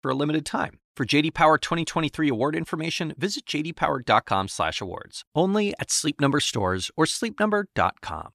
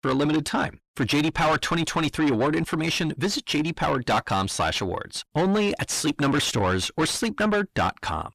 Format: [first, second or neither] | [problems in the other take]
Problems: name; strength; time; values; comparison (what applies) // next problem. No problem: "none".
first | distortion; heavy; 6 dB below the speech